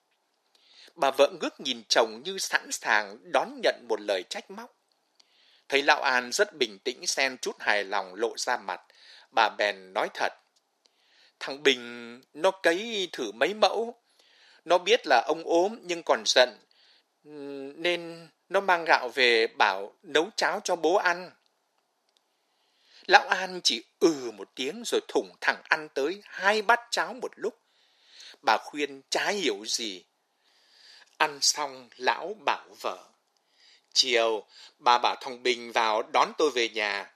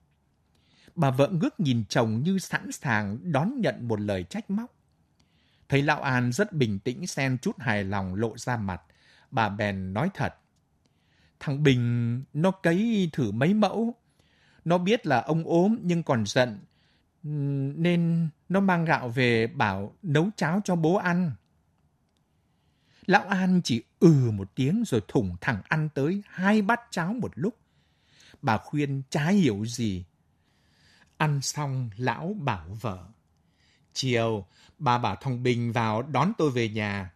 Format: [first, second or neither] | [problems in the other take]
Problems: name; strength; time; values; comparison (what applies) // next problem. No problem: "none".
second | thin; very; fading below 400 Hz